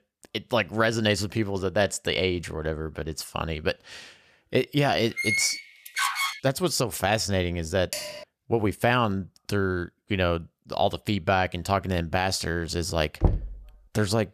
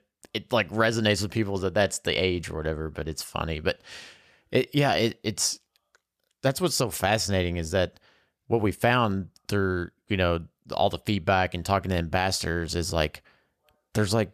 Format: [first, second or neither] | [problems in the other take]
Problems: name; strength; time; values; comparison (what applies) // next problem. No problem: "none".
second | door banging; loud; from 5 to 6.5 s; peak 2 dB above the speech // clattering dishes; noticeable; at 8 s; peak 6 dB below the speech // door banging; noticeable; at 13 s; peak level with the speech